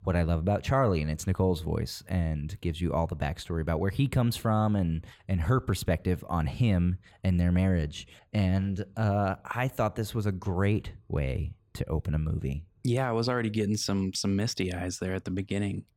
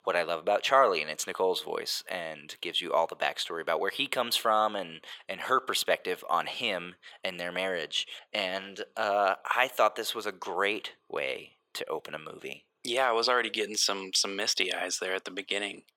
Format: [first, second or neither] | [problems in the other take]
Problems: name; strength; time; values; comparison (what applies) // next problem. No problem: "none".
first | thin; very; fading below 450 Hz